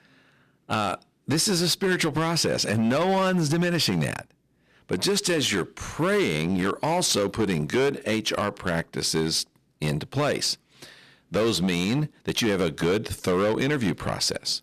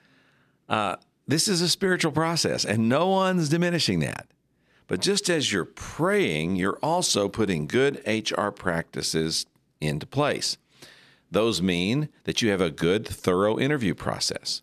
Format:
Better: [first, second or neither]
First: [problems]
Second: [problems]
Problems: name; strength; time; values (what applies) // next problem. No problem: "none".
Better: second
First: distortion; slight; 12% of the sound clipped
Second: none